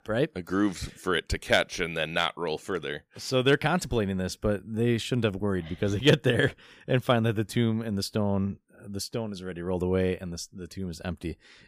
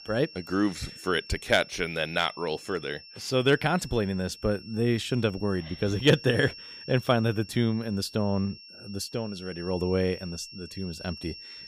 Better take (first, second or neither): first